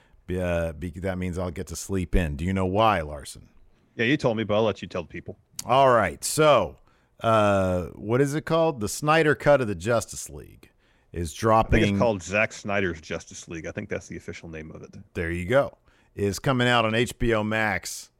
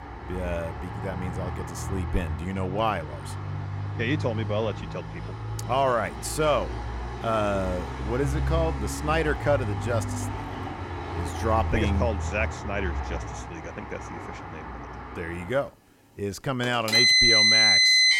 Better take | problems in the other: first | traffic noise; very loud; throughout; 5 dB above the speech

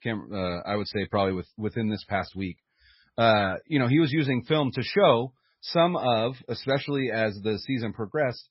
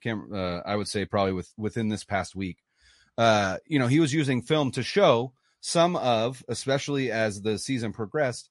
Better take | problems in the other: second | garbled, watery; badly; nothing above 5.5 kHz; slightly in the second

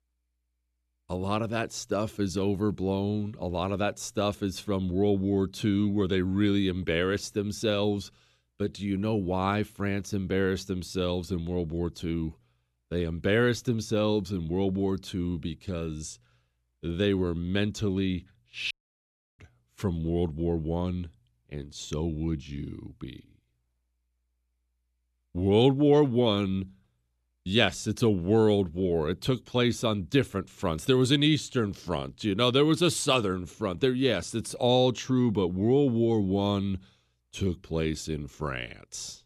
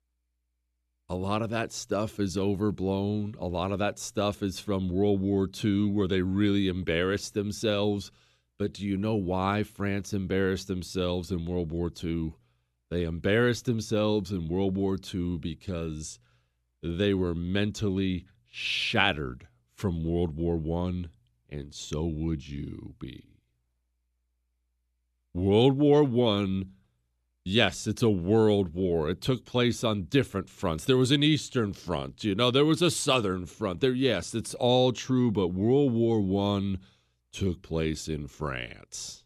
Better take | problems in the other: second | audio cutting out; at 19 s for 0.5 s

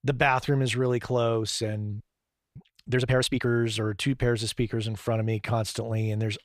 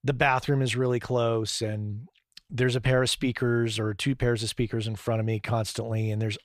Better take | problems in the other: second | audio freezing; at 2 s for 0.5 s

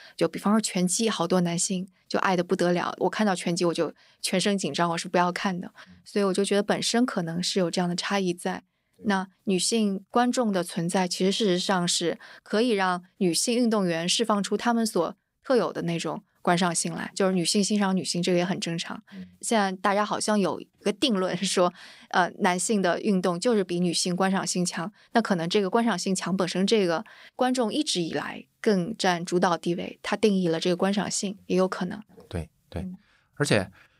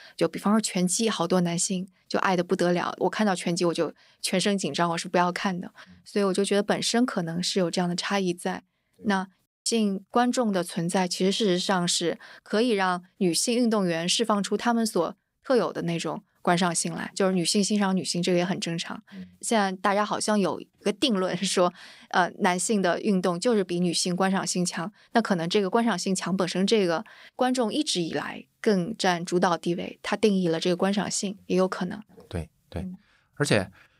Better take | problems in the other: first | audio cutting out; at 9.5 s

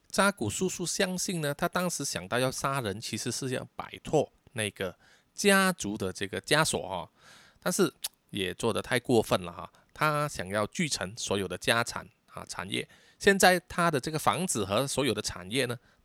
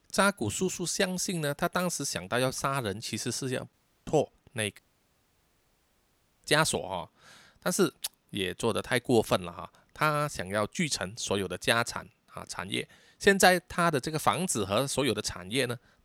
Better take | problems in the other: first | audio cutting out; at 3.5 s and at 5 s for 1.5 s

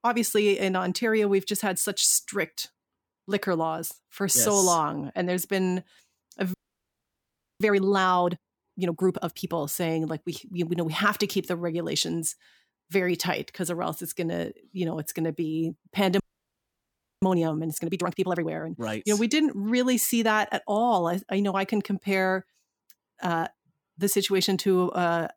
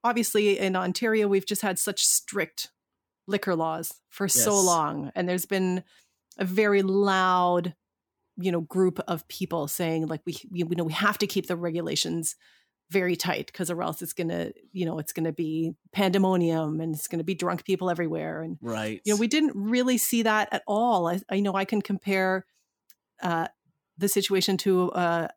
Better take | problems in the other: second | audio freezing; at 6.5 s for 1 s and at 16 s for 1 s

